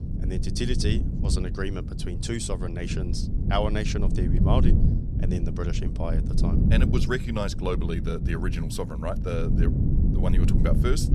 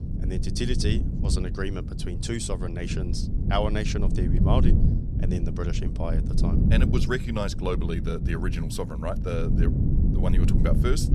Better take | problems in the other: neither | low rumble; loud; throughout; 5 dB below the speech; the same in both

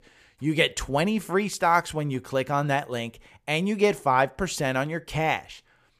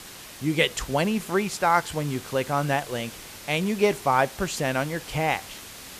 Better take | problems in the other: first | hiss; noticeable; throughout; 15 dB below the speech

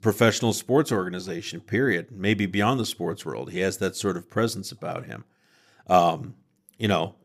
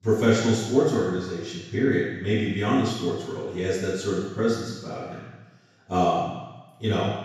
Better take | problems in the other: first | room echo; strong; dies away in 1.1 s // off-mic speech; far

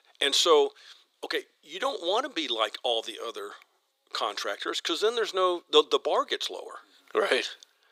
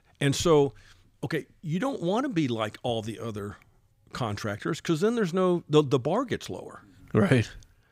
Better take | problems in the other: second | thin; very; fading below 400 Hz

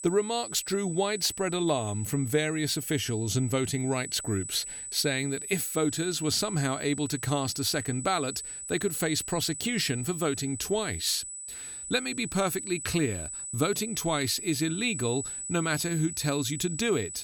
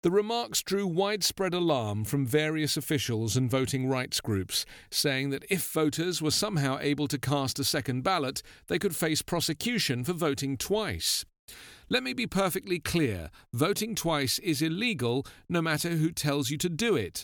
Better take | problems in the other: second | high-pitched whine; loud; throughout; 8 kHz, 7 dB below the speech

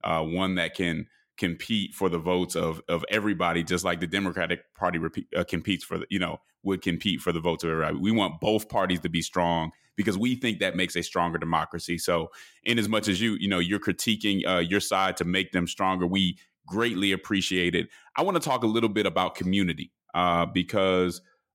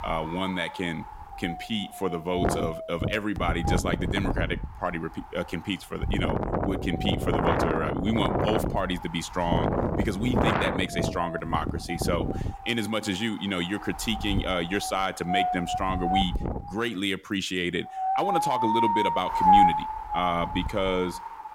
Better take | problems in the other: first | wind noise on the microphone; heavy; 3 dB above the speech

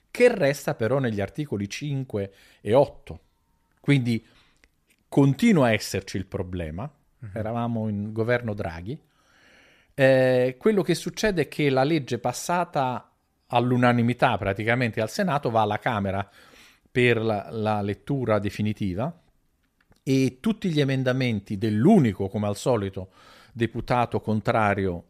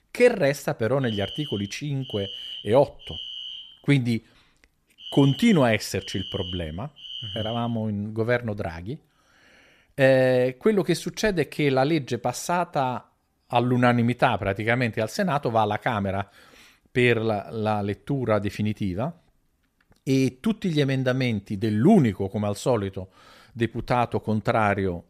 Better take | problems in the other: first | alarm; noticeable; from 1 to 7.5 s; peak 9 dB below the speech

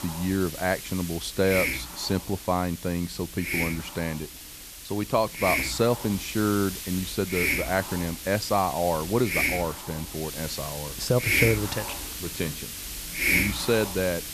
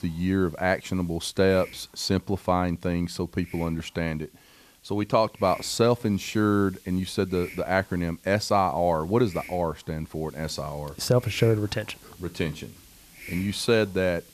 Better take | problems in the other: second | hiss; loud; throughout; 2 dB below the speech; faint in the second

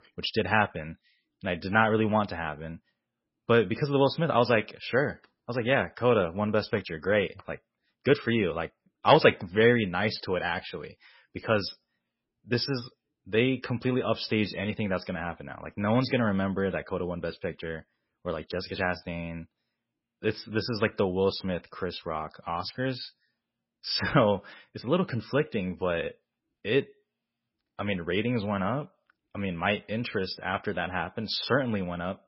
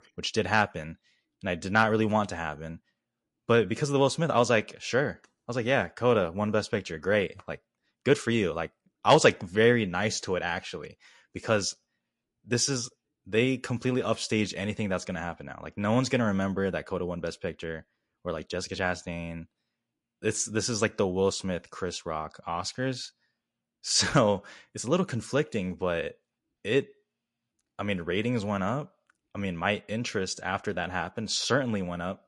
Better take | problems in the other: second | garbled, watery; badly; nothing above 5.5 kHz; slightly in the second

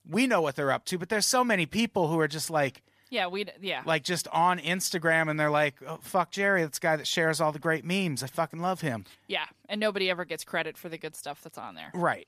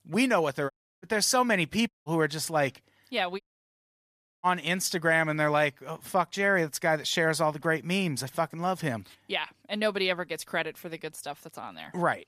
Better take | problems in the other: first | audio cutting out; at 0.5 s, at 2 s and at 3.5 s for 1 s

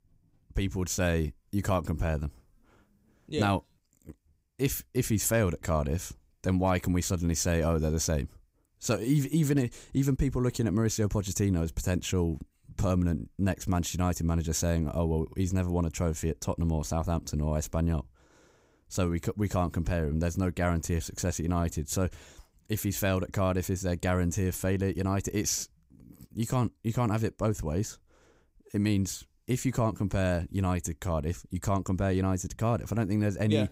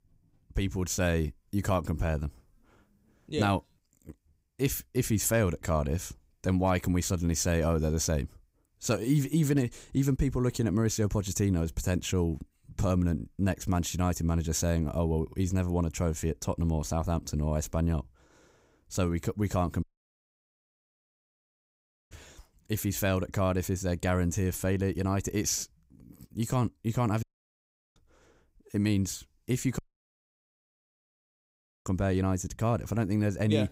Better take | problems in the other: first | audio cutting out; at 20 s for 2.5 s, at 27 s for 0.5 s and at 30 s for 2 s

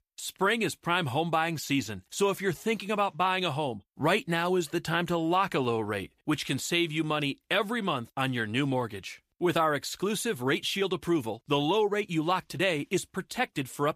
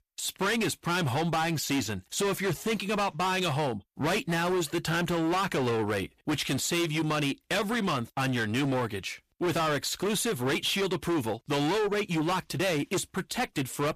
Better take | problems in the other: first | distortion; heavy; 24% of the sound clipped

